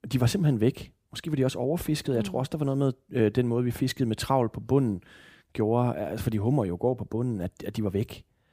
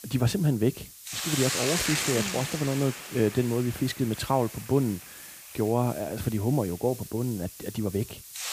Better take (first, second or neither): first